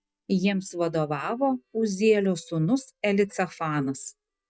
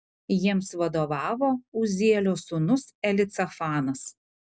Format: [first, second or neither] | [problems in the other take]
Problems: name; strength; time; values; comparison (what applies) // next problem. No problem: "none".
second | noise reduction (neural mask model DeepFilterNet 3)